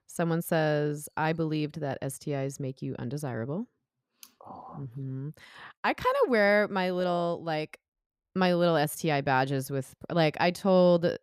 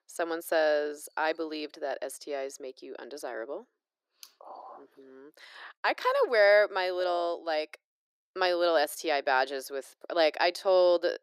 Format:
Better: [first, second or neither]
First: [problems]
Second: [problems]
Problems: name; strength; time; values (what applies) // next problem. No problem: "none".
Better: first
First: none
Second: thin; very; fading below 350 Hz